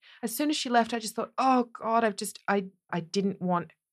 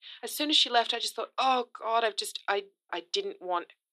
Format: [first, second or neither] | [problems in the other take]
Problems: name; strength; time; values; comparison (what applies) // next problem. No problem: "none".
first | thin; somewhat; fading below 300 Hz